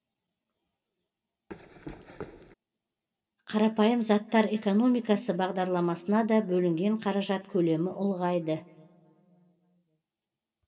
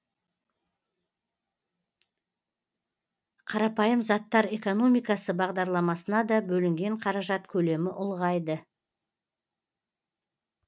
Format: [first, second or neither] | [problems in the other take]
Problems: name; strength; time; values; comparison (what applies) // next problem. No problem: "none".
second | background sound (Run); 15 dB below the speech // room echo; dies away in 1.3 s